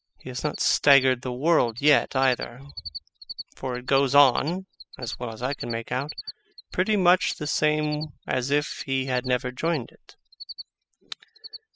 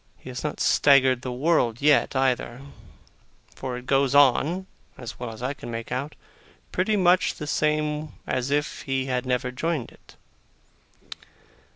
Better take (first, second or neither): second